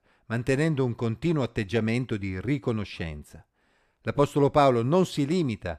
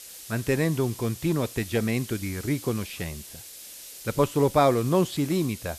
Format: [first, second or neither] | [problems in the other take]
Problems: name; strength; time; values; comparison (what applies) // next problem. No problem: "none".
first | hiss; noticeable; throughout; 15 dB below the speech